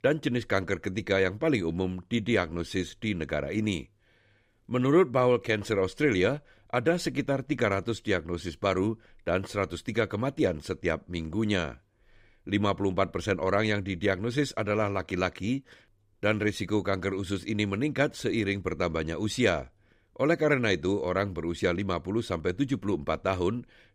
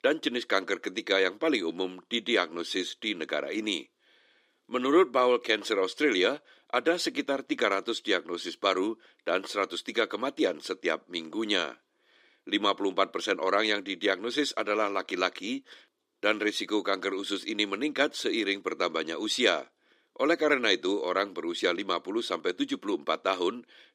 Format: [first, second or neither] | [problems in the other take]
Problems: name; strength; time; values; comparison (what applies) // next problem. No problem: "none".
first | thin; very slightly; fading below 300 Hz